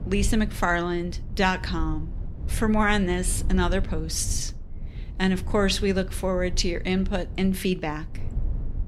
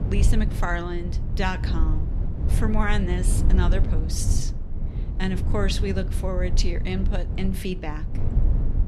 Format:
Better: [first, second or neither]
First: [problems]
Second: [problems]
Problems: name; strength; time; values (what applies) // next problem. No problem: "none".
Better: first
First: low rumble; faint; throughout; 20 dB below the speech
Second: low rumble; loud; throughout; 9 dB below the speech